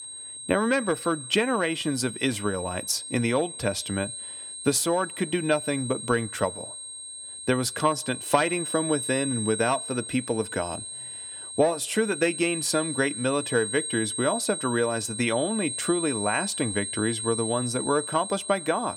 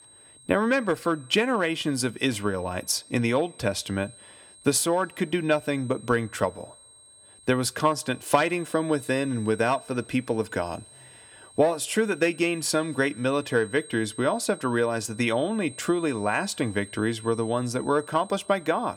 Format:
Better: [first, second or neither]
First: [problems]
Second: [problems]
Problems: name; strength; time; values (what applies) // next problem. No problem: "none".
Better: second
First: high-pitched whine; loud; throughout; 8.5 kHz, 6 dB below the speech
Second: high-pitched whine; faint; throughout; 8.5 kHz, 20 dB below the speech